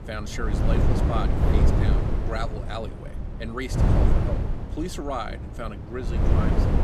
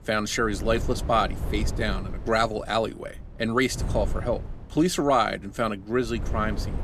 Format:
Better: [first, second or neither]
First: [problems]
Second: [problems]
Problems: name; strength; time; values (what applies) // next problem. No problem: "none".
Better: second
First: wind noise on the microphone; heavy; 1 dB above the speech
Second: wind noise on the microphone; occasional gusts; 15 dB below the speech